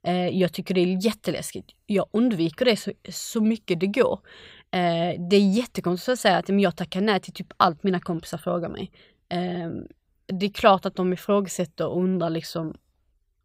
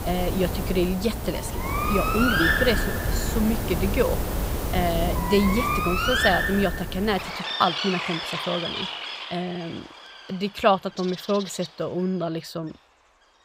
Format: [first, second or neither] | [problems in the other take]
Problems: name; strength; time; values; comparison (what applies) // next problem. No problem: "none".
first | animal sounds; loud; throughout; as loud as the speech